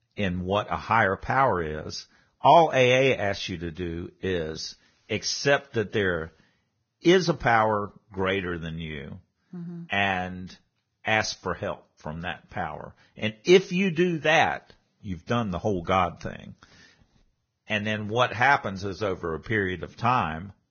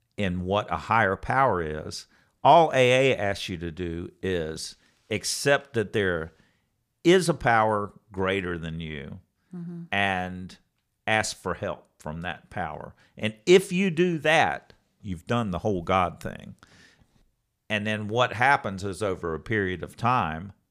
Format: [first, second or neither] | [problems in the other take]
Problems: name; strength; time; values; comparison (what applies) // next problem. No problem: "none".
second | garbled, watery; badly; nothing above 6.5 kHz